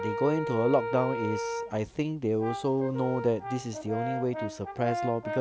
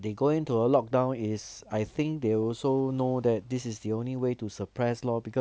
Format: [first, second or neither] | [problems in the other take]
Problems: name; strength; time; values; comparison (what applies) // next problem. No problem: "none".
second | background sound (Brass instrument); 5 dB below the speech